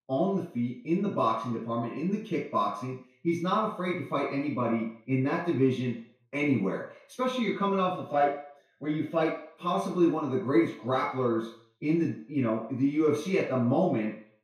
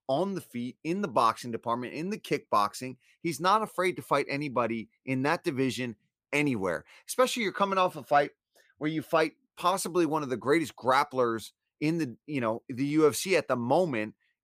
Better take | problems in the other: second | room echo; noticeable; dies away in 0.5 s // off-mic speech; far

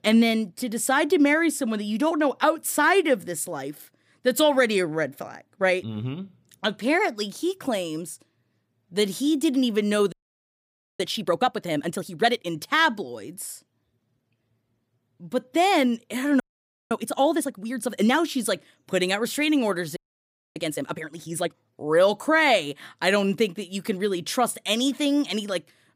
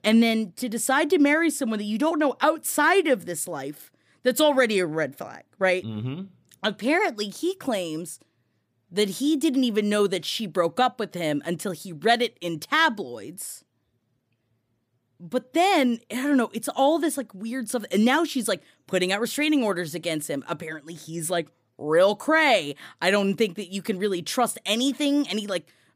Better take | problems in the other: second | audio freezing; at 10 s for 1 s, at 16 s for 0.5 s and at 20 s for 0.5 s

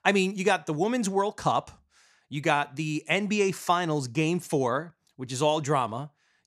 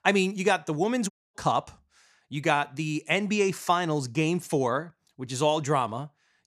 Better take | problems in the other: first | audio cutting out; at 1 s

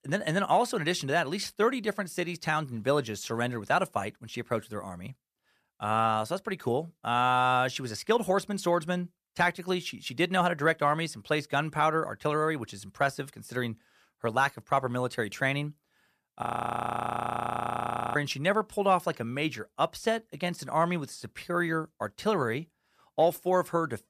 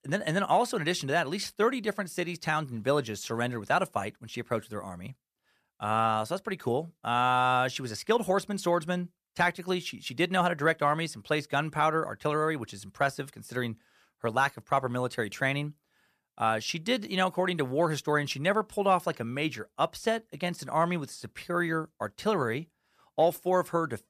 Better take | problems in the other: second | audio freezing; at 16 s for 1.5 s

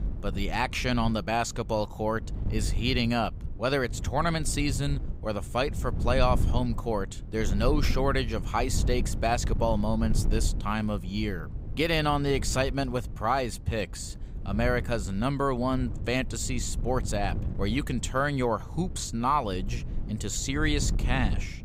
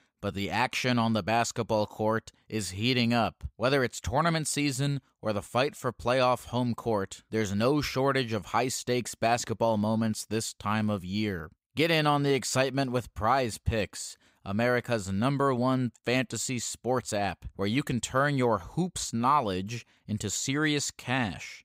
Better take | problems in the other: second | wind noise on the microphone; occasional gusts; 15 dB below the speech

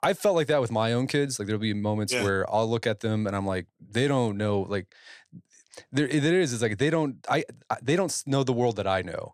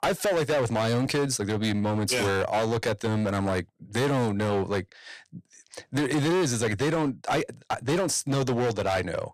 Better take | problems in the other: first | distortion; heavy; 19% of the sound clipped

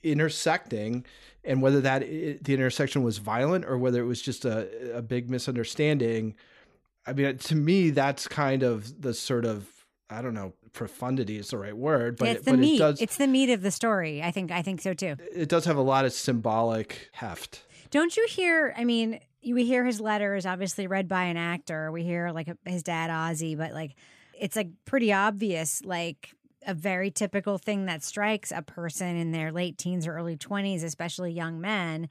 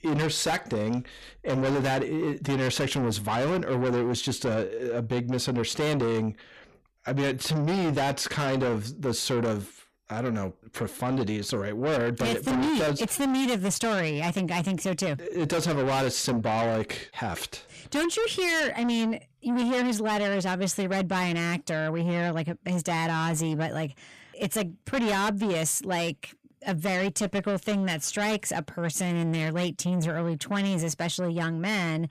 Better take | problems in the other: first | distortion; heavy; 6 dB below the speech

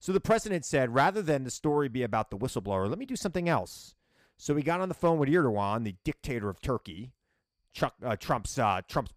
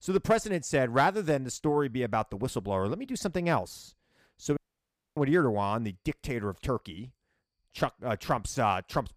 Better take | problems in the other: first | audio cutting out; at 4.5 s for 0.5 s

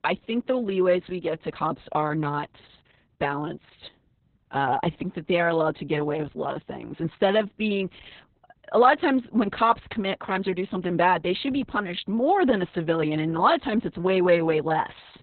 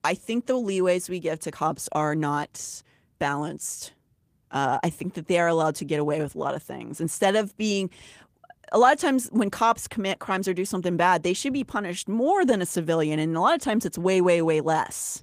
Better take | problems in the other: second | garbled, watery; badly; nothing above 4 kHz; slightly in the second

